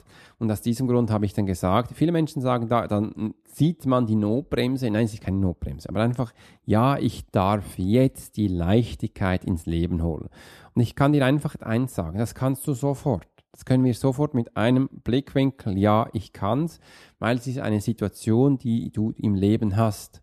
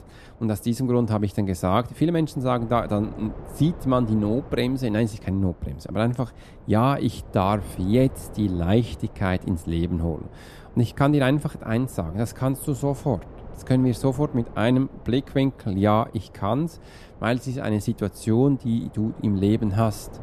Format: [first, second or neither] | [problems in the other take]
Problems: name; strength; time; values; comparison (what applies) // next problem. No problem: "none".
first | wind noise on the microphone; occasional gusts; 20 dB below the speech